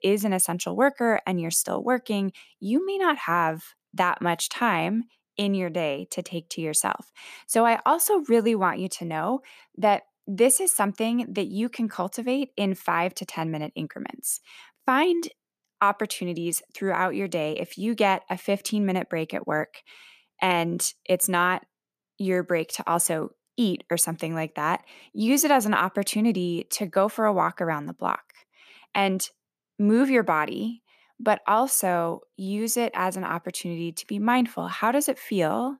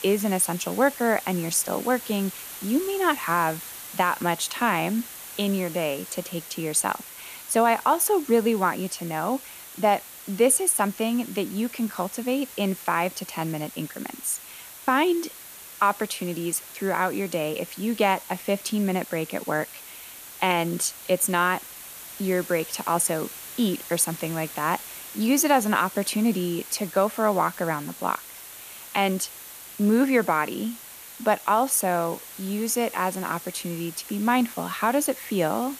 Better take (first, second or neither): first